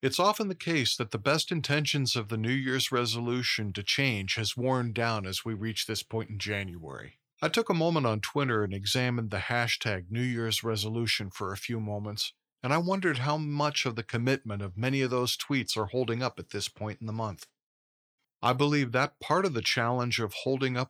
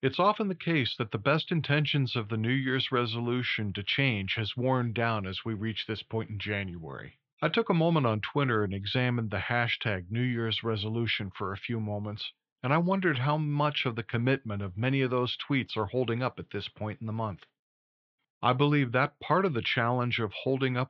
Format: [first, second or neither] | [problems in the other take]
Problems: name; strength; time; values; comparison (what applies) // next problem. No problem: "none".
first | muffled; very; fading above 3.5 kHz